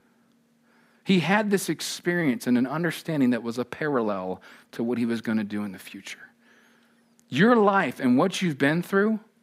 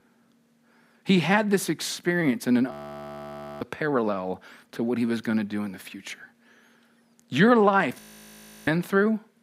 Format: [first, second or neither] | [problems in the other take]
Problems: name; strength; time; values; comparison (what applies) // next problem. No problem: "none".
first | audio freezing; at 2.5 s for 1 s and at 8 s for 0.5 s